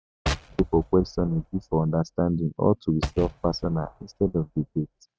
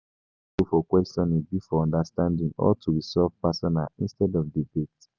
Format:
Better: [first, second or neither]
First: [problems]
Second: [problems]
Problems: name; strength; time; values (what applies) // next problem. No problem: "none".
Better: second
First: noise reduction (neural mask model RNNoise)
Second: none